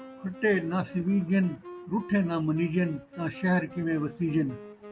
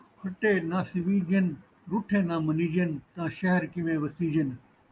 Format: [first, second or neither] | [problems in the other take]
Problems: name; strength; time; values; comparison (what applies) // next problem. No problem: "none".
second | background sound (Wind instrument, woodwind instrument); 18 dB below the speech